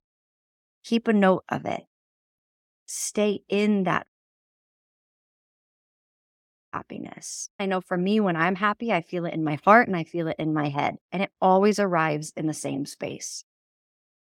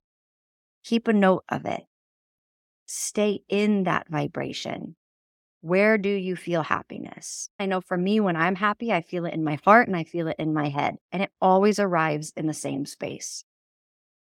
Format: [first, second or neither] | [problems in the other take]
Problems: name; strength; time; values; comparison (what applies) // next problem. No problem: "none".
second | audio cutting out; at 4 s for 2.5 s